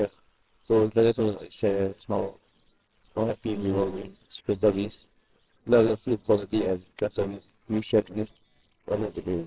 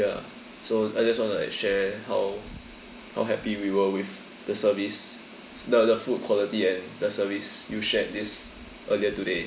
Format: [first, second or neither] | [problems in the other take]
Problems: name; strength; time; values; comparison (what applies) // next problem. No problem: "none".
second | noise reduction (neural separator model SepFormer WHAMR!)